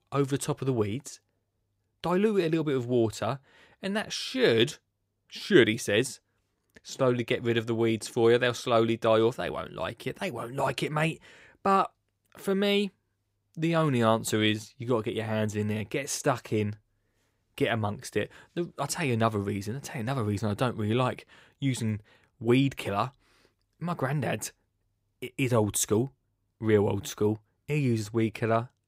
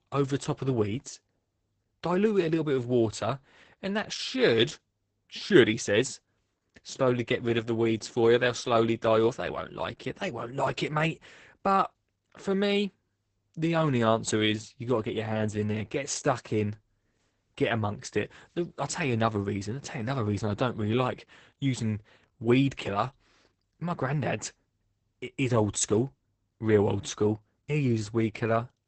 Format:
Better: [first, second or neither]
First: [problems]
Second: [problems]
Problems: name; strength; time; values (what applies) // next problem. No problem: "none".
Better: first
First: none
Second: garbled, watery; badly; nothing above 8 kHz